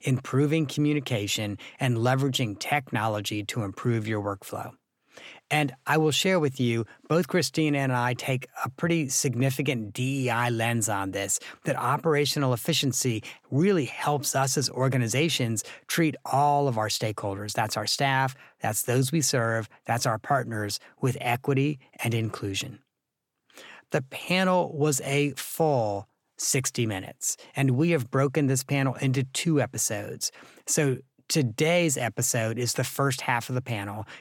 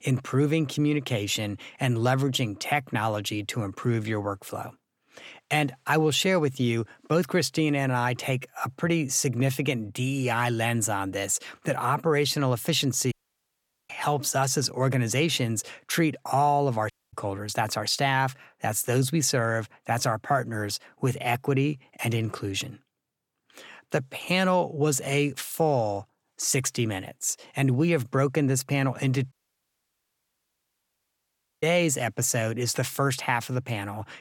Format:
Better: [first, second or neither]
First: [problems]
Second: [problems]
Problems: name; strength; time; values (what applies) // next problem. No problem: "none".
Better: first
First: none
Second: audio cutting out; at 13 s for 1 s, at 17 s and at 29 s for 2.5 s